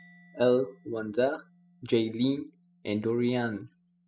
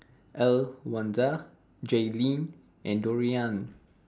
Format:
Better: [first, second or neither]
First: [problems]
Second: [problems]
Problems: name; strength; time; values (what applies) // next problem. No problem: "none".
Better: second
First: noise reduction (classical method spectral subtraction)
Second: none